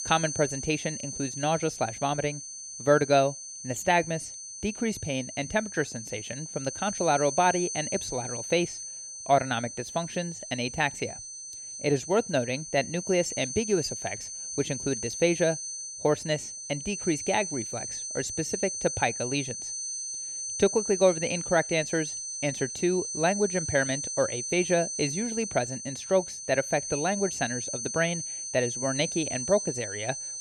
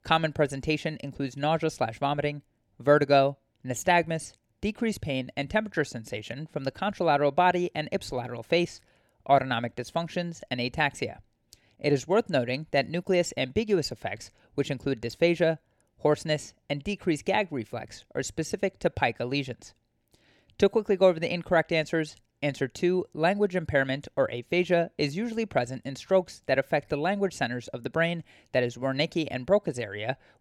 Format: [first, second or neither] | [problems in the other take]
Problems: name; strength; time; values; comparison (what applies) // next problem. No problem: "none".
second | high-pitched whine; loud; throughout; 6 kHz, 5 dB below the speech